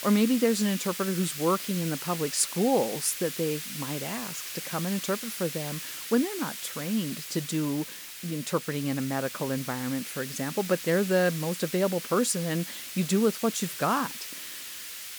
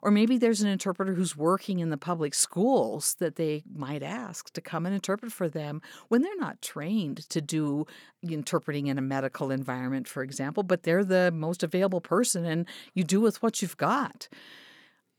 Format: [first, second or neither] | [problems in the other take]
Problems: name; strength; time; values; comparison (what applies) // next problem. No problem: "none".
second | hiss; loud; throughout; 7 dB below the speech